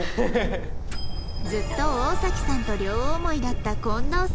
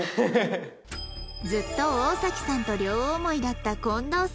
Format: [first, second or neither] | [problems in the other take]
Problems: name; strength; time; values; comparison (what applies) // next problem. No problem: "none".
second | background sound (Bird); 3 dB above the speech